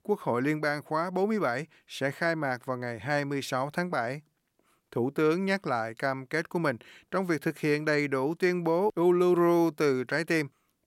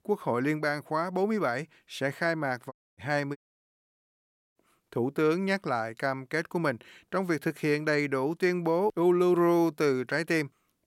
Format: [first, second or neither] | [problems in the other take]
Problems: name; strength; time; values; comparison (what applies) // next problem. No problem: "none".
first | audio cutting out; at 2.5 s and at 3.5 s for 1 s